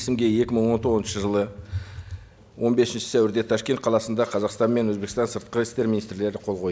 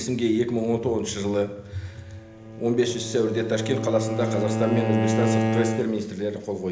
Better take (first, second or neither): first